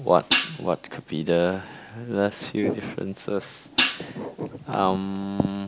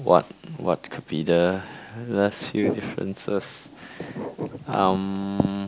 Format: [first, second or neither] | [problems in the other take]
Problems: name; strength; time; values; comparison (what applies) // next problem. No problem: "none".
second | background sound (Hi-hat); 1 dB below the speech